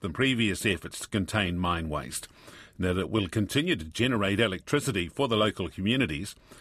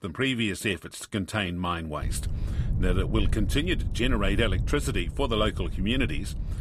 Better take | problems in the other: first | wind noise on the microphone; occasional gusts; from 2 s on; 15 dB below the speech

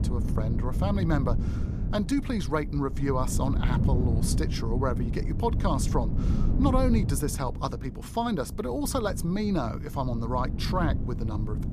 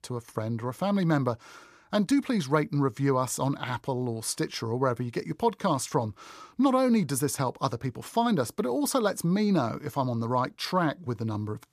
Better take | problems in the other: second | wind noise on the microphone; heavy; 9 dB below the speech

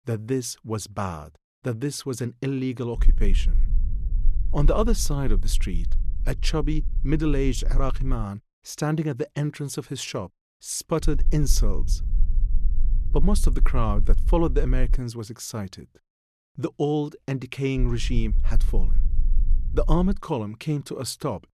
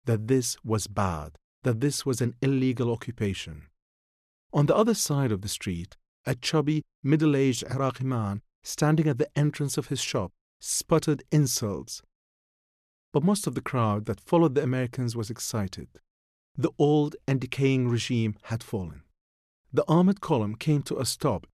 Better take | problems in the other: second | low rumble; faint; from 3 to 8 s, from 11 to 15 s and from 18 to 20 s; 20 dB below the speech

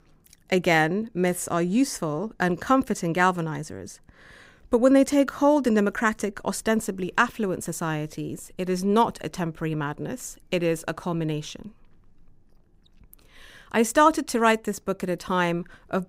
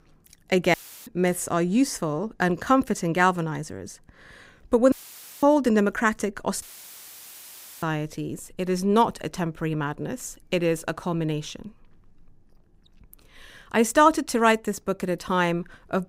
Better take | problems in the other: first | audio cutting out; filled with static; at 0.5 s, at 5 s for 0.5 s and at 6.5 s for 1 s

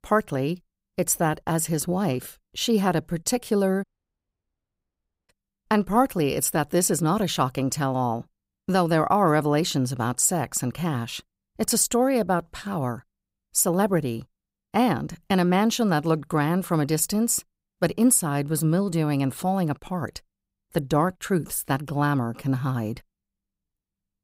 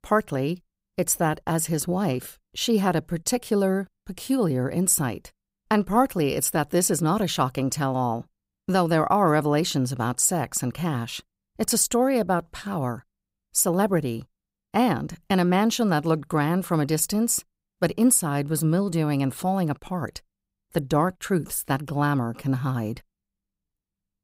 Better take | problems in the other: second | audio cutting out; at 4 s for 1.5 s

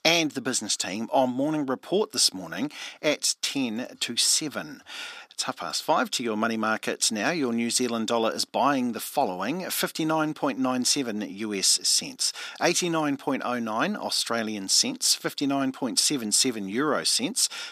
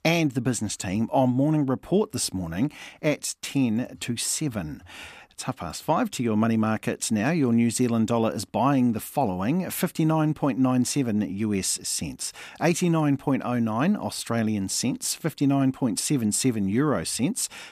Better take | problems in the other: second | thin; very slightly; fading below 350 Hz

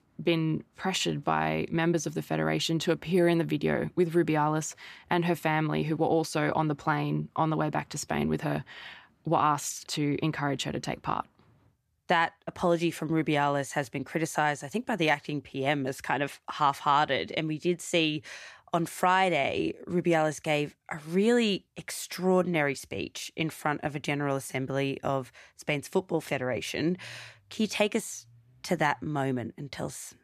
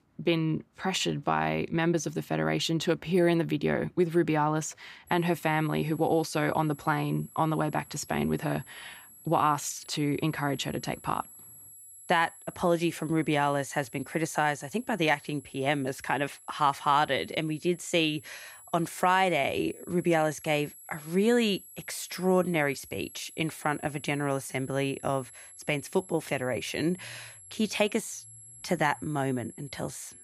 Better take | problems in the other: first | high-pitched whine; noticeable; from 5 s on; 11.5 kHz, 20 dB below the speech

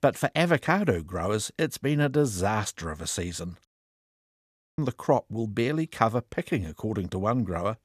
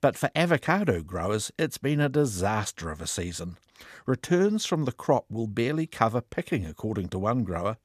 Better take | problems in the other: second | audio cutting out; at 3.5 s for 1 s

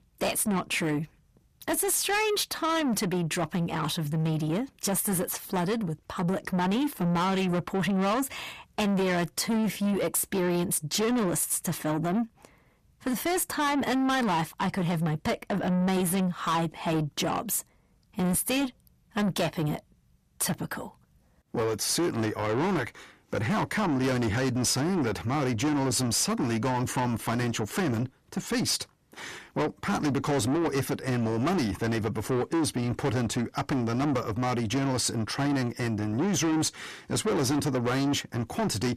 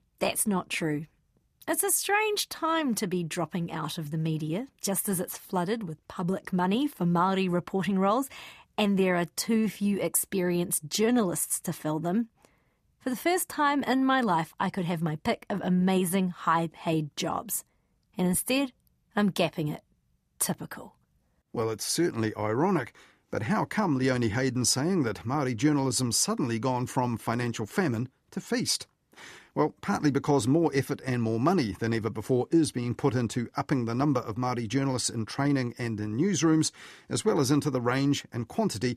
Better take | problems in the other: second | distortion; heavy; 8 dB below the speech

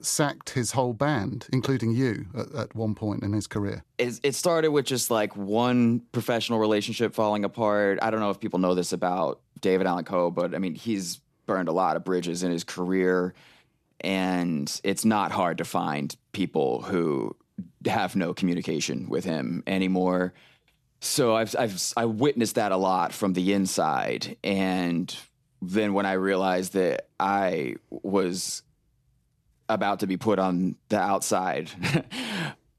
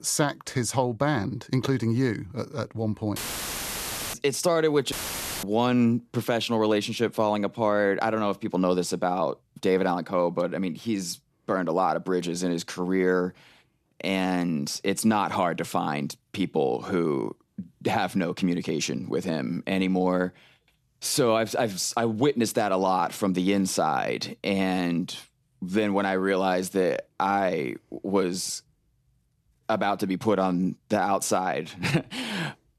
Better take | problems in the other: first | audio cutting out; filled with static; at 3 s for 1 s and at 5 s for 0.5 s

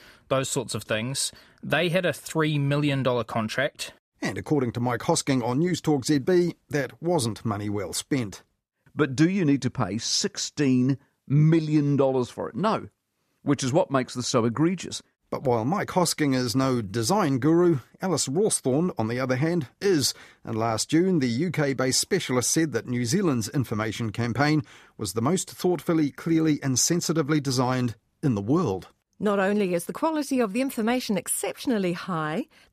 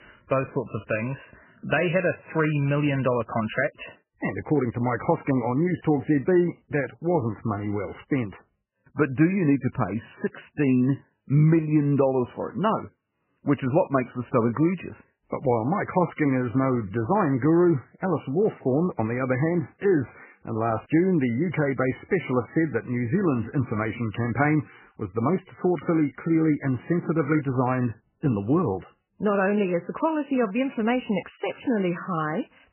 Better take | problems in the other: first | garbled, watery; badly; nothing above 3 kHz

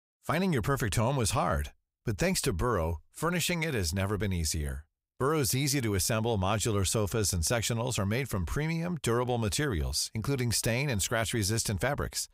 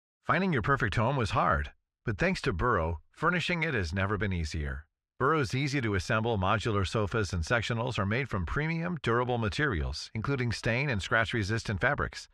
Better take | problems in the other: first | muffled; slightly; fading above 3 kHz

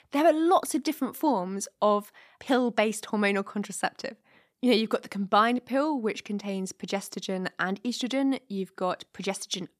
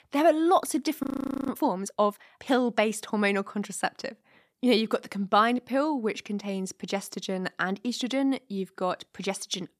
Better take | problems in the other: first | audio freezing; at 1 s

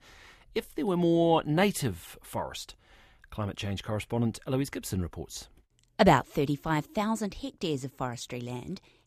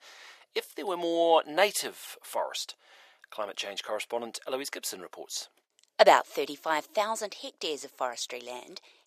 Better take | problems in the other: first | thin; very; fading below 450 Hz

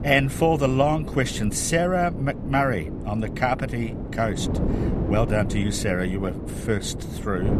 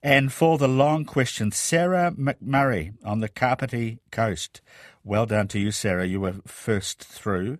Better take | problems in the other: second | wind noise on the microphone; occasional gusts; 10 dB below the speech

